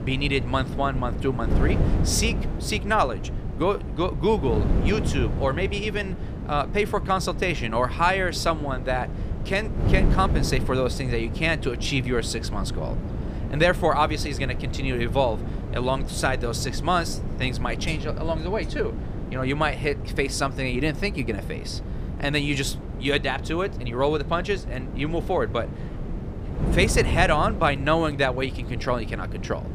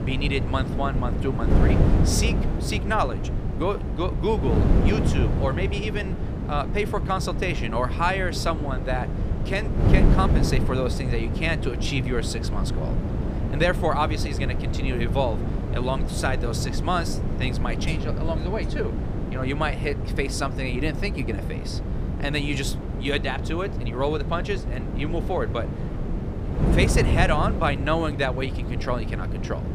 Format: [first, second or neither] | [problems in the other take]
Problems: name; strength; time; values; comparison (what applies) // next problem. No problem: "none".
first | wind noise on the microphone; heavy; 7 dB below the speech; occasional gusts in the first